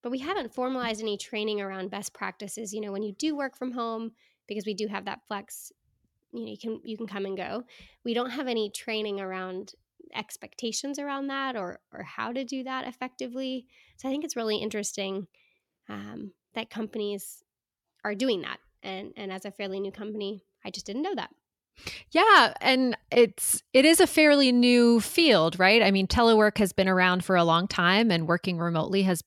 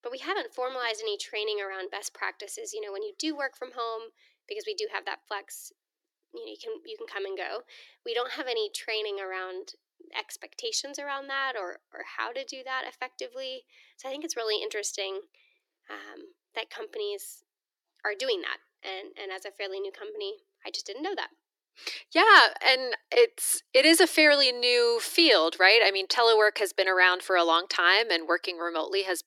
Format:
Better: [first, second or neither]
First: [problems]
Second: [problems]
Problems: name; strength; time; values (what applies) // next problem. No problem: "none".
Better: first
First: none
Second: thin; very; fading below 300 Hz